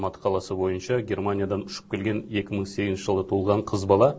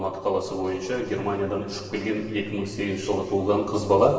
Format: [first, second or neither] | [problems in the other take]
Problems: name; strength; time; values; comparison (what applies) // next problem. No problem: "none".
first | room echo; dies away in 2.3 s